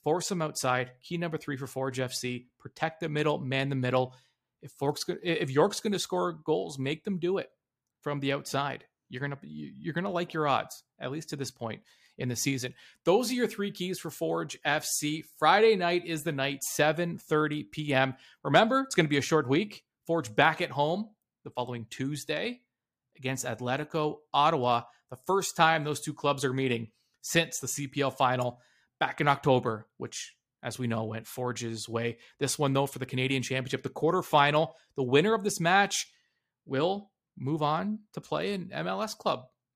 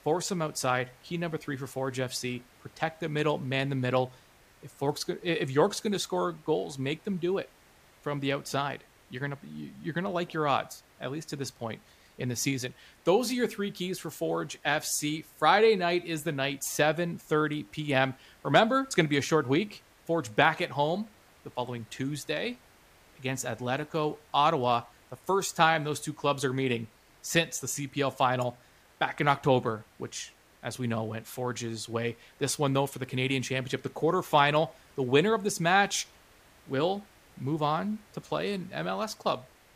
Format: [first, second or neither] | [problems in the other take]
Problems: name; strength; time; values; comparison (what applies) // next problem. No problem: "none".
first | hiss; faint; throughout; 30 dB below the speech